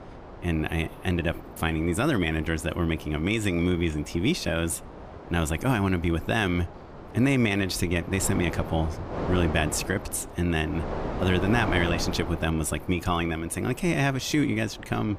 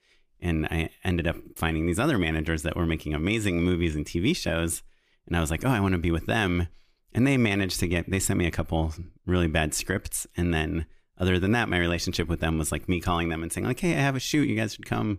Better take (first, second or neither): second